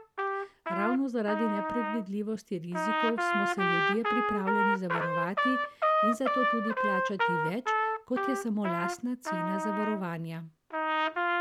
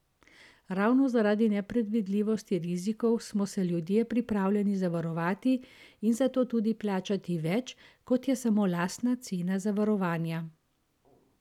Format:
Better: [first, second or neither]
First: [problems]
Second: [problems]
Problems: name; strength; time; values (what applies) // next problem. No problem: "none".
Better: second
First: background sound (Trumpet); 3 dB above the speech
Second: none